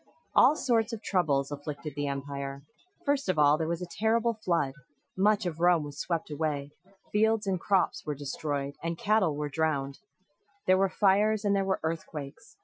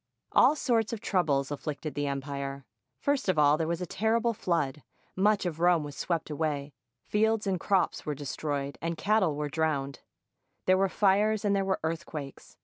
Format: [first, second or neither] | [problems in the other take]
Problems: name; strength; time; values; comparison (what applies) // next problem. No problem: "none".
second | noise reduction (classical method Wiener filter)